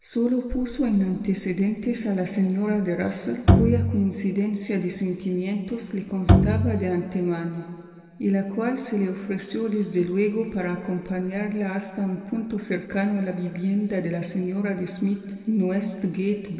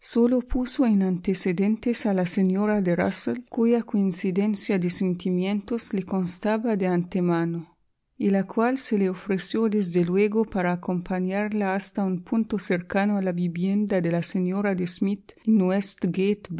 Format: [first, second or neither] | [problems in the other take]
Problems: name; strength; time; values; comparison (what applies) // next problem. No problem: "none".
second | background sound (Bowed string instrument); 4 dB above the speech // room echo; dies away in 2.4 s